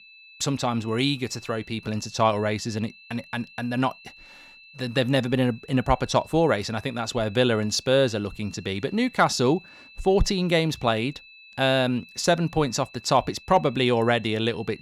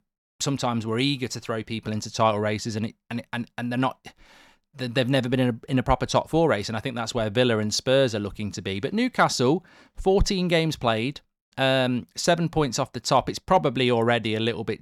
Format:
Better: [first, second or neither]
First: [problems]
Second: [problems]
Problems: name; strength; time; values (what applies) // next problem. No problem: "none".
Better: second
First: high-pitched whine; faint; throughout; 2.5 kHz, 20 dB below the speech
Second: none